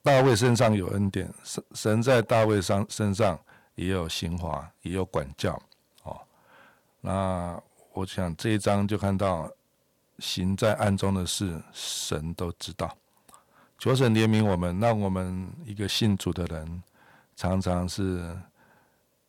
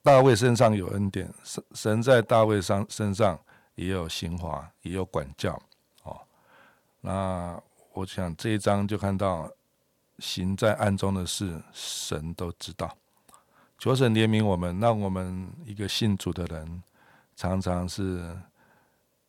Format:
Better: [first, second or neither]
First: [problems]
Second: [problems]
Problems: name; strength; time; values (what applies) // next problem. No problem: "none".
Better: second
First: distortion; slight; 3% of the sound clipped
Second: none